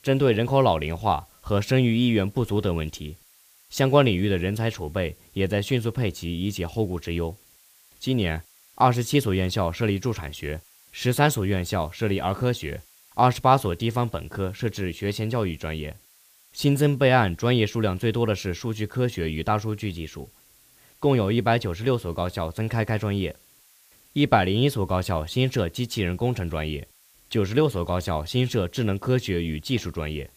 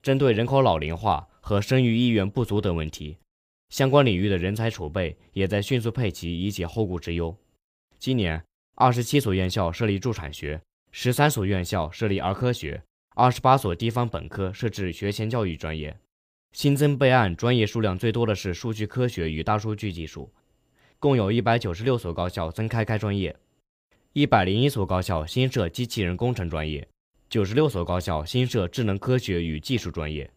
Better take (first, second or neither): second